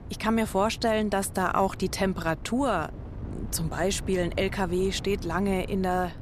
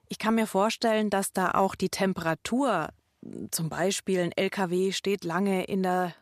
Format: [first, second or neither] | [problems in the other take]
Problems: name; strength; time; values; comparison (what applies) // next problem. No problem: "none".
second | wind noise on the microphone; occasional gusts; 20 dB below the speech